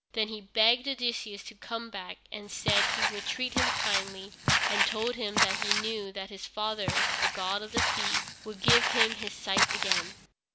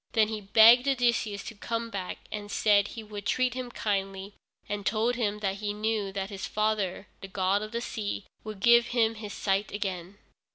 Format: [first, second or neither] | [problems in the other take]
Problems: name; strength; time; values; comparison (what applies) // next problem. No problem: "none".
second | background sound (Walk, footsteps); 4 dB above the speech